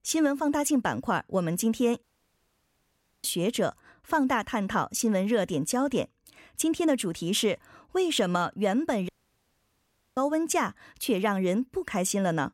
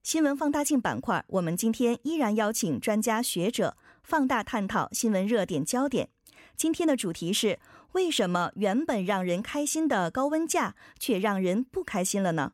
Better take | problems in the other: second | audio cutting out; at 2 s for 1 s and at 9 s for 1 s

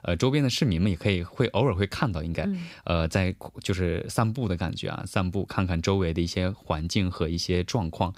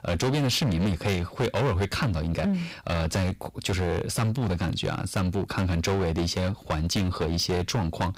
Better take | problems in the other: first | distortion; heavy; 19% of the sound clipped

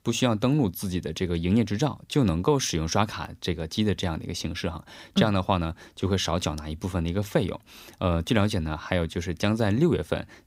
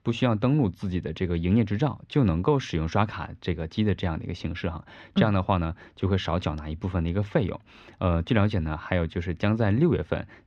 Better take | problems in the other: first | muffled; slightly; fading above 2.5 kHz

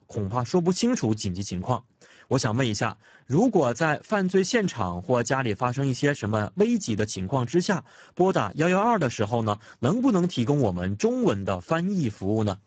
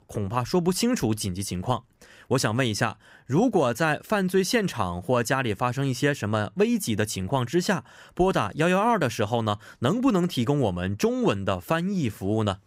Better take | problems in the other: second | garbled, watery; badly; nothing above 7.5 kHz

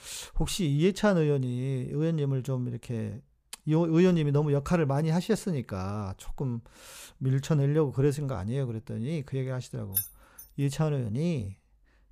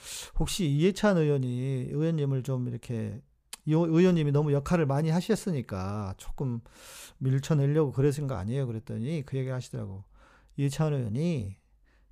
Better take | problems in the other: second | jangling keys; noticeable; at 10 s; peak 2 dB below the speech

